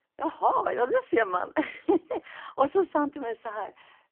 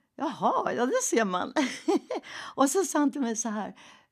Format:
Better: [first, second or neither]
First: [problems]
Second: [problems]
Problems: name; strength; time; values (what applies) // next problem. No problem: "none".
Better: second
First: phone-call audio; poor line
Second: none